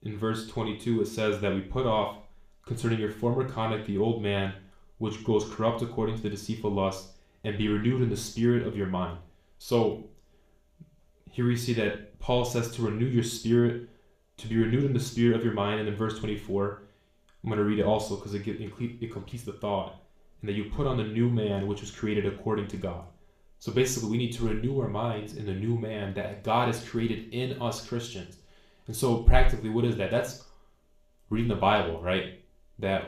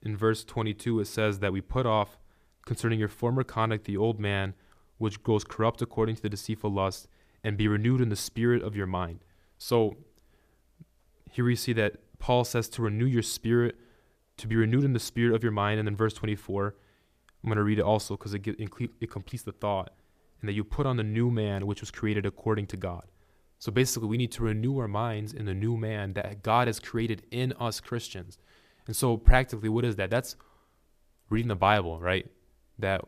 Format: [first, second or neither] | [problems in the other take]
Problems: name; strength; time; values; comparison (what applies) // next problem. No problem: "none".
second | room echo; slight; dies away in 0.5 s // off-mic speech; somewhat distant